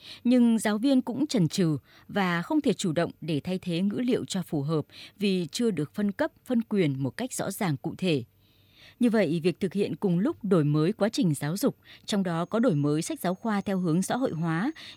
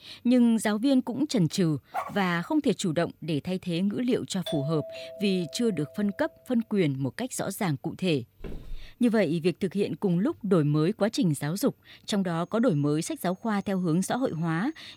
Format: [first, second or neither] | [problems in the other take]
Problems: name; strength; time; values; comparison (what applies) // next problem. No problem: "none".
first | dog barking; noticeable; at 2 s; peak 8 dB below the speech // doorbell; noticeable; from 4.5 to 6 s; peak 9 dB below the speech // footsteps; faint; at 8.5 s; peak 15 dB below the speech